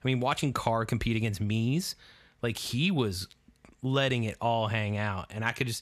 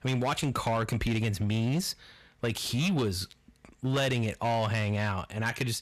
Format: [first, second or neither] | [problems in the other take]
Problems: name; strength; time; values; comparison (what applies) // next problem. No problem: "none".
first | distortion; slight; 13% of the sound clipped